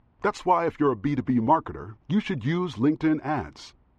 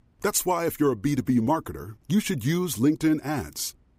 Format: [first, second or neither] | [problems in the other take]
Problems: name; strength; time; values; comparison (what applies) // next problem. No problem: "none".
second | muffled; very; fading above 3.5 kHz